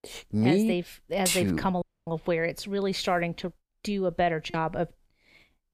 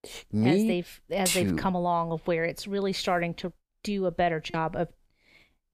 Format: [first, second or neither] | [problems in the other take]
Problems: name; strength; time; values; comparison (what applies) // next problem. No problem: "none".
second | audio cutting out; at 2 s